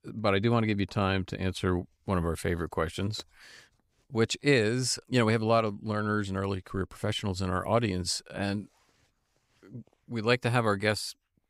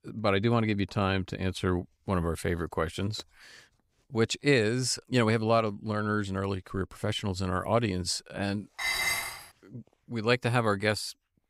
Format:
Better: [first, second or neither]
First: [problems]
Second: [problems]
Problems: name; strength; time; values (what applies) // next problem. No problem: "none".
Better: first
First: none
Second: clattering dishes; loud; at 9 s; peak 2 dB above the speech